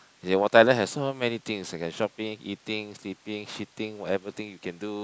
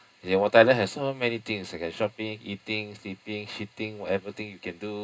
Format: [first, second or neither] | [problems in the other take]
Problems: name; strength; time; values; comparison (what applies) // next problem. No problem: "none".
first | room echo; dies away in 0.2 s